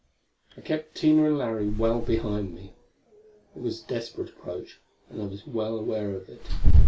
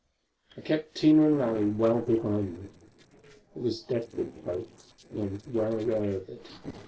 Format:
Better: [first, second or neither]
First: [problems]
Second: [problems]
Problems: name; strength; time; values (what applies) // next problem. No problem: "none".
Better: first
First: none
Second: noise reduction (neural separator model SepFormer DNS4)